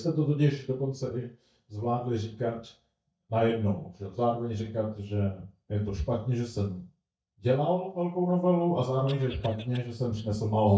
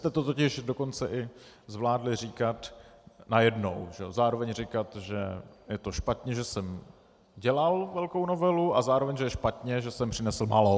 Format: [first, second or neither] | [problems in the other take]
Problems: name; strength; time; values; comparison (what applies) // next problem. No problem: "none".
second | noise reduction (neural mask model DeepFilterNet 3)